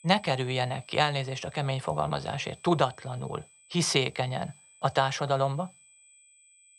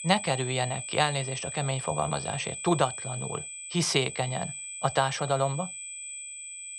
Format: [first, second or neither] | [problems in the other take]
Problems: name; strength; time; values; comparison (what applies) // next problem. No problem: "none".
first | high-pitched whine; loud; throughout; 8 kHz, 7 dB below the speech; faint in the first